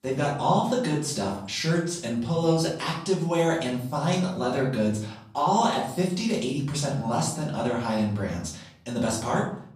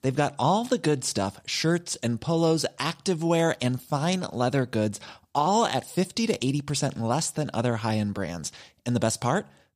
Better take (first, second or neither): second